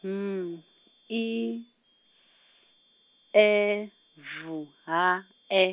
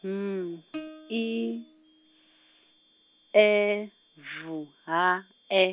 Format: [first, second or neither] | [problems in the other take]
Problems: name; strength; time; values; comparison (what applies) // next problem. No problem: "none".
first | background sound (Plucked string instrument); 19 dB below the speech